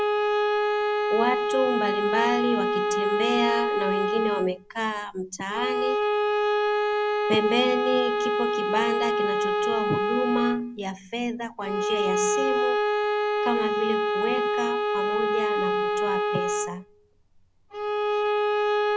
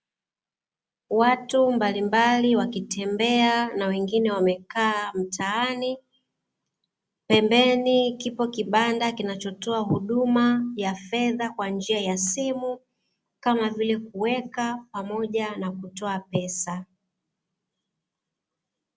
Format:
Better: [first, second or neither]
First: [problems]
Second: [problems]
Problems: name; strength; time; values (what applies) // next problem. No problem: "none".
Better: second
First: background sound (Bowed string instrument); 5 dB above the speech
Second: none